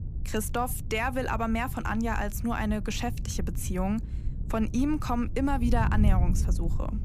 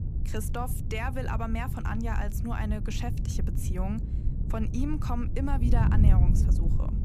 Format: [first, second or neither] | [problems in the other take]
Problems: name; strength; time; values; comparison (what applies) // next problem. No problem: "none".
first | wind noise on the microphone; heavy; 6 dB below the speech; occasional gusts in the first